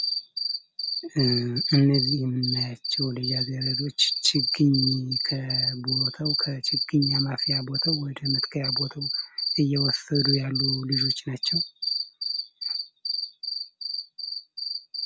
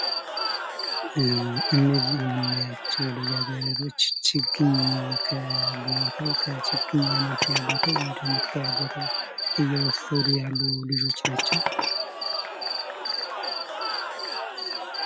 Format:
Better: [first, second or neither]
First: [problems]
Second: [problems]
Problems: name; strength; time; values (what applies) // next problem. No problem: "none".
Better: first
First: none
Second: background sound (Glass + Crowd / Cheering); 7 dB below the speech